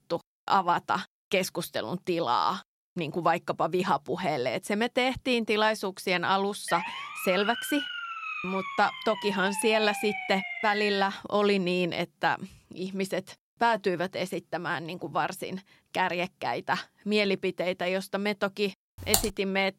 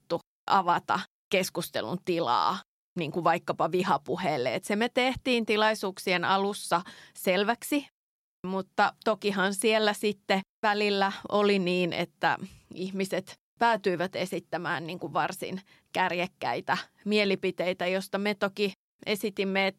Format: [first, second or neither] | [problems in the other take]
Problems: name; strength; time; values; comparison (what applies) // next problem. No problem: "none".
second | siren; noticeable; from 6.5 to 11 s; peak 4 dB below the speech // keyboard typing; loud; at 19 s; peak 2 dB above the speech